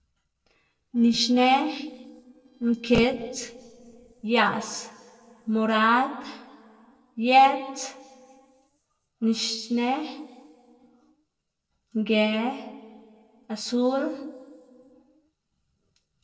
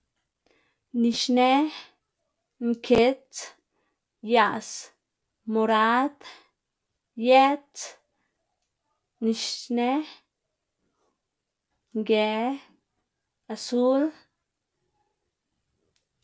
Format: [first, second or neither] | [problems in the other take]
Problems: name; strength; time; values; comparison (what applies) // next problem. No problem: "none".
second | noise reduction (neural separator model SepFormer DNS4)